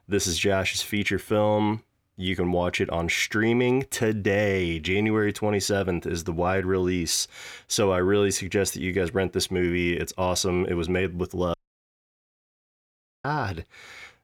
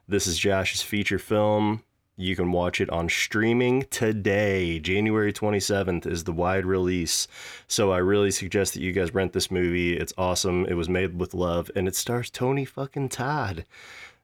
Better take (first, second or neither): second